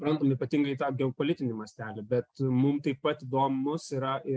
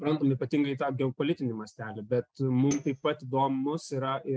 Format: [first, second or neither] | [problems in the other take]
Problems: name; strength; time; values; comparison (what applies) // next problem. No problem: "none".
first | noise reduction (neural mask model RNNoise)